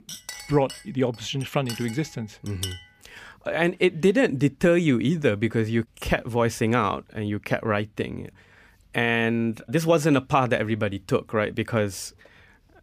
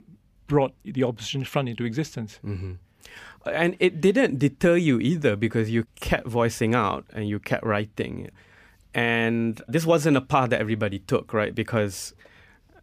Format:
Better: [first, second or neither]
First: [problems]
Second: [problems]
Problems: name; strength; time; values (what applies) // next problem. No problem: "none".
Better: second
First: clattering dishes; noticeable; until 3 s; peak 10 dB below the speech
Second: none